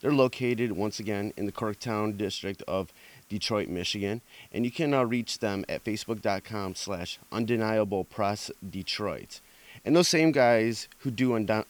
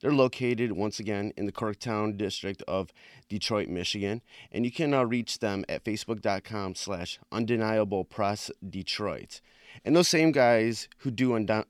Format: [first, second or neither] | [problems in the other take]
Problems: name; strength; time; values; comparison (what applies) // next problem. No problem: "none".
second | hiss; faint; throughout; 25 dB below the speech